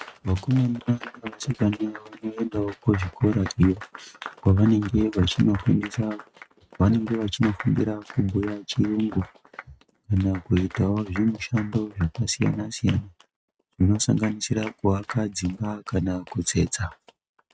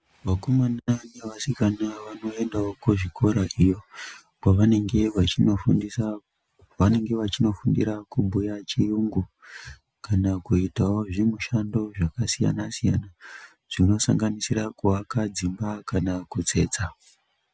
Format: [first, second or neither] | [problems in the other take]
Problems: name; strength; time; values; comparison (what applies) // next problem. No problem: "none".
second | noise reduction (neural mask model RNNoise)